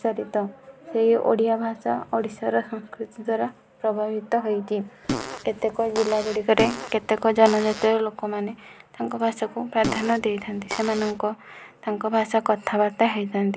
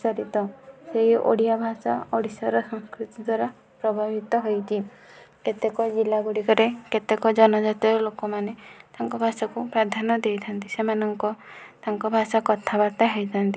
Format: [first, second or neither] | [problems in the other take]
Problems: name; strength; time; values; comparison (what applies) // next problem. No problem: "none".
second | background sound (Fart); 9 dB below the speech